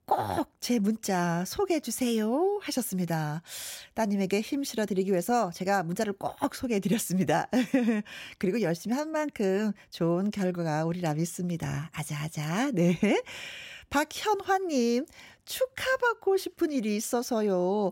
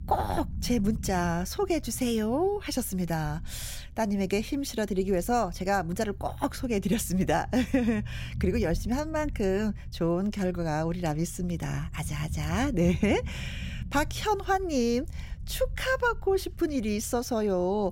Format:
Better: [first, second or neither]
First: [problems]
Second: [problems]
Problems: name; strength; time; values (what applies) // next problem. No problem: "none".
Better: first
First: none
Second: low rumble; faint; throughout; 25 dB below the speech